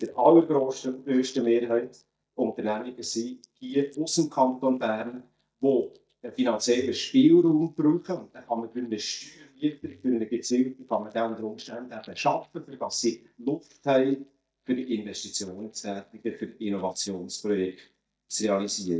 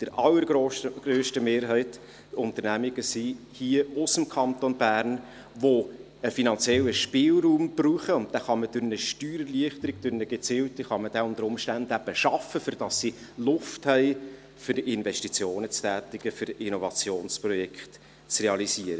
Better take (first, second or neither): second